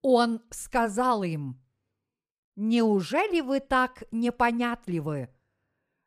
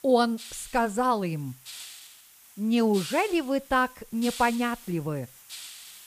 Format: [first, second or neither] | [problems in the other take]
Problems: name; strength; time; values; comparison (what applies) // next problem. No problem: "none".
first | hiss; noticeable; throughout; 15 dB below the speech